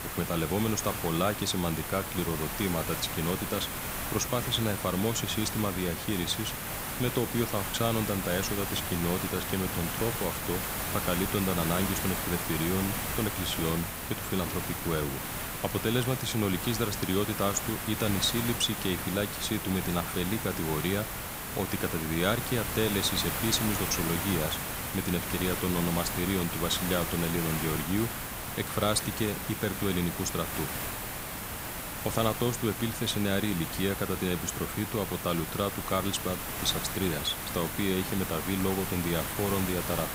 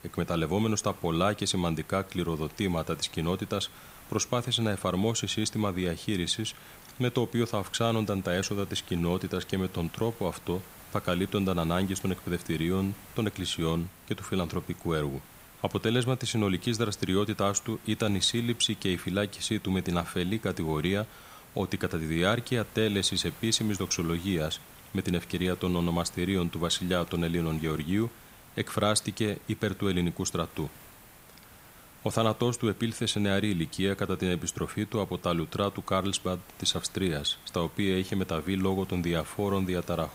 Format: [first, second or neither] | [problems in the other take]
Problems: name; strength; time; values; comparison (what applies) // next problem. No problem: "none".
second | hiss; loud; throughout; 2 dB below the speech; faint in the second